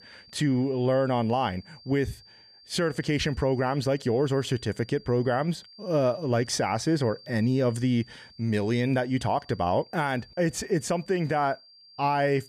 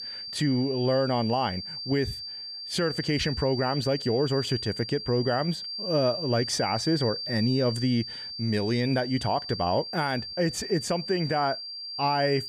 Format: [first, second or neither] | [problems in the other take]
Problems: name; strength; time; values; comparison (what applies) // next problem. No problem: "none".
first | high-pitched whine; loud; throughout; 4.5 kHz, 6 dB below the speech; faint in the first